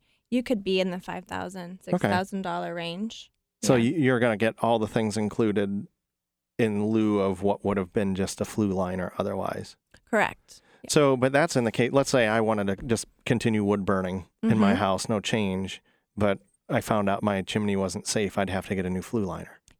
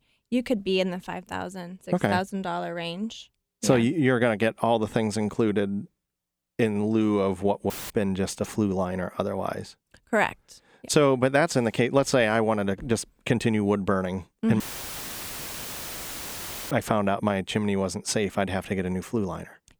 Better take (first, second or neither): first